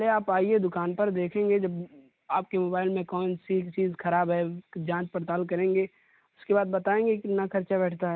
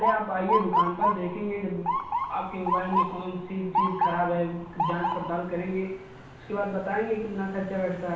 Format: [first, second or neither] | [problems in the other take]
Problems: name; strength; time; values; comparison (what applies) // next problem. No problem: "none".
first | background sound (Motor vehicle (road) / Siren); 1 dB below the speech // room echo; dies away in 0.7 s